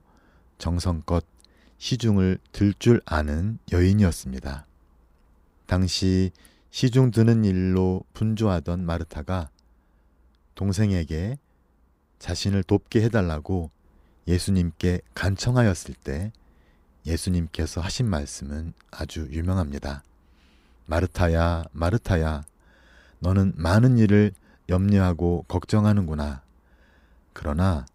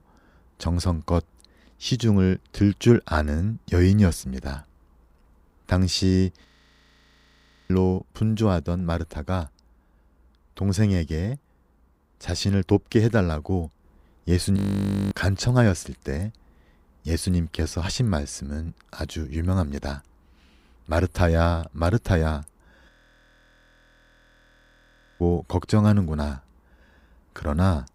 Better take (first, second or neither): first